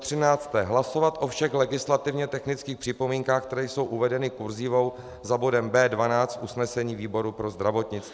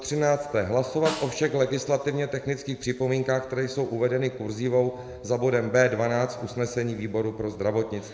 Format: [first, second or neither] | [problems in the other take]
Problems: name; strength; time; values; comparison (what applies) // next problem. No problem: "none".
first | background sound (Snare drum); 14 dB below the speech // room echo; dies away in 1.3 s